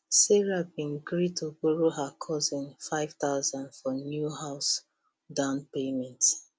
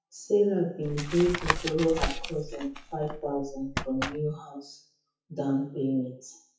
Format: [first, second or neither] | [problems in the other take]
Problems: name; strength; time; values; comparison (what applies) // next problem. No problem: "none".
first | noise reduction (classical method WPE with log-MMSE)